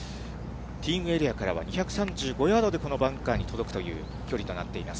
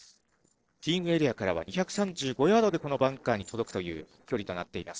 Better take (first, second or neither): first